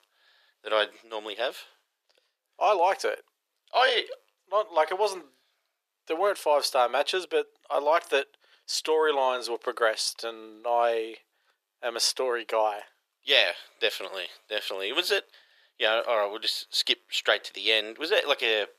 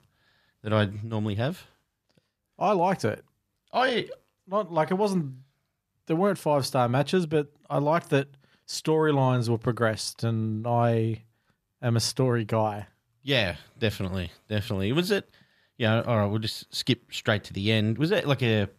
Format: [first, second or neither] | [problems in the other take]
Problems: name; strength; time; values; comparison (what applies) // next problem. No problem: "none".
second | thin; very; fading below 400 Hz